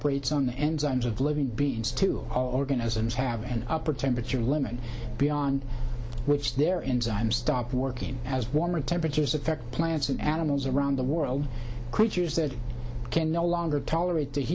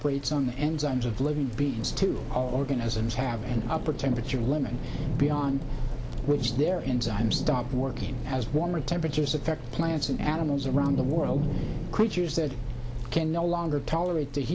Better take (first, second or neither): first